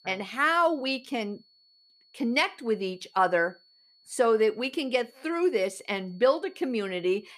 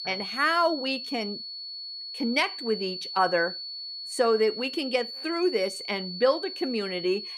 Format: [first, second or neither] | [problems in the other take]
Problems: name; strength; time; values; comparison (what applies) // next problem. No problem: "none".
first | high-pitched whine; loud; throughout; 4.5 kHz, 7 dB below the speech; faint in the first